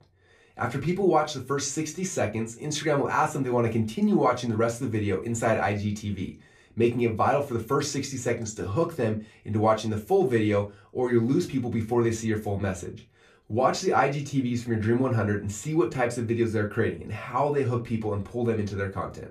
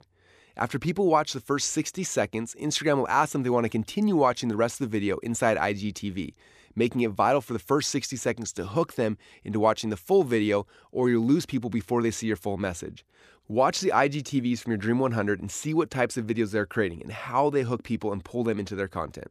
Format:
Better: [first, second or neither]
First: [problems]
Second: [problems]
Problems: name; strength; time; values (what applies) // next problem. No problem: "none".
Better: second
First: off-mic speech; far // room echo; very slight; dies away in 0.2 s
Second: none